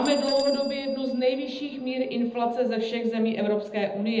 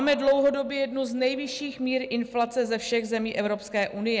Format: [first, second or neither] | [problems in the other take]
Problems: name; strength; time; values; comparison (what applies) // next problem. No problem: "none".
second | background sound (Bell); 16 dB below the speech // room echo; dies away in 0.8 s